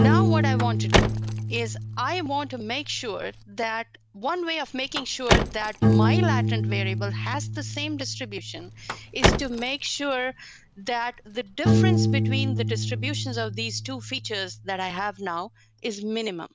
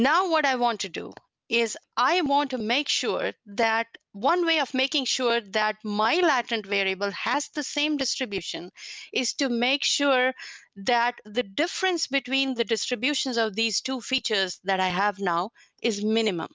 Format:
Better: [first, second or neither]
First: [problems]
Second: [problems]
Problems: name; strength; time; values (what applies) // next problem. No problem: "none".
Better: second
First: background sound (Piano + Car); 4 dB above the speech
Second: none